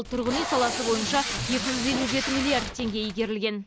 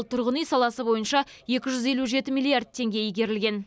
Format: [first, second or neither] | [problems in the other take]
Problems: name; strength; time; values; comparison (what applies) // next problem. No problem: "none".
second | background sound (Packing tape, duct tape); 4 dB below the speech